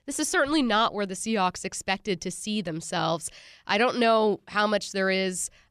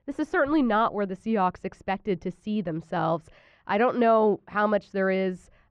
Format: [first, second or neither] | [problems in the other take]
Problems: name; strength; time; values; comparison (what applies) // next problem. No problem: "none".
first | muffled; very; fading above 4 kHz